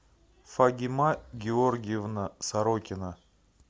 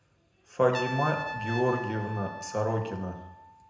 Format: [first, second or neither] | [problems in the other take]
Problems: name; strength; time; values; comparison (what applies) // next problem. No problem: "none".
first | background sound (Trumpet); 9 dB below the speech // room echo; dies away in 0.8 s